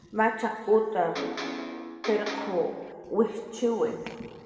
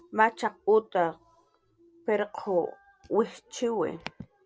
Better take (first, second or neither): second